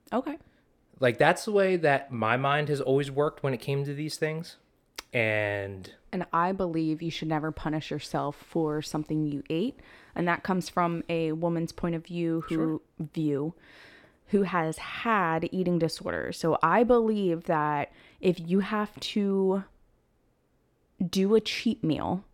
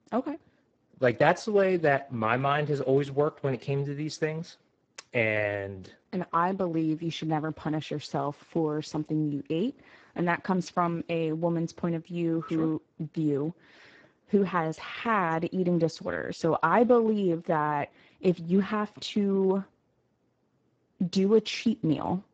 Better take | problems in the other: first | garbled, watery; badly; nothing above 7.5 kHz

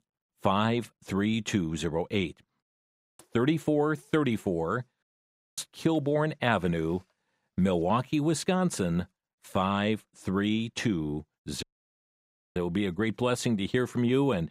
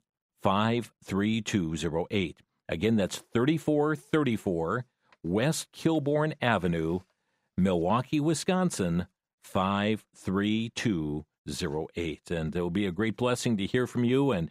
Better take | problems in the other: second | audio cutting out; at 2.5 s for 0.5 s, at 5 s for 0.5 s and at 12 s for 1 s

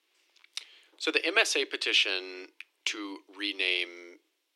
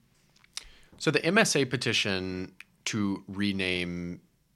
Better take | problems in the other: second | thin; very; fading below 300 Hz

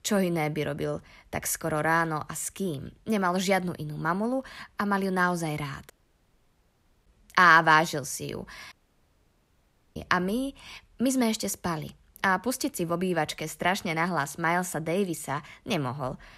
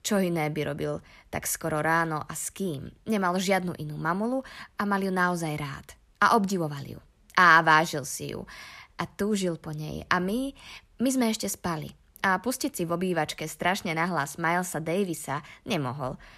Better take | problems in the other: second | audio cutting out; at 6 s for 1 s and at 8.5 s for 1 s

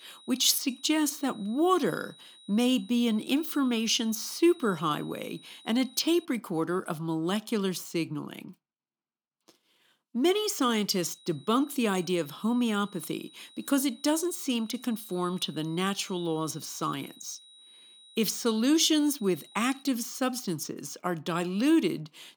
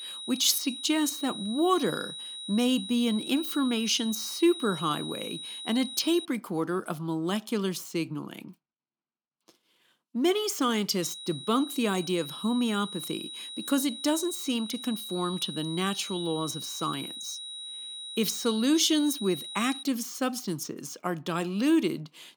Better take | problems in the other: first | high-pitched whine; loud; until 6.5 s and from 11 to 20 s; 4 kHz, 9 dB below the speech; faint in the first

